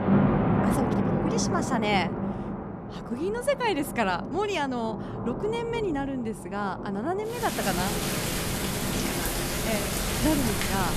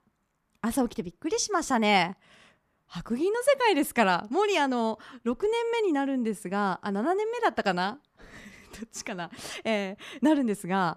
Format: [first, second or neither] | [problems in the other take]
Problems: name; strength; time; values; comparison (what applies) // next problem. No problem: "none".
second | rain or running water; very loud; throughout; 1 dB above the speech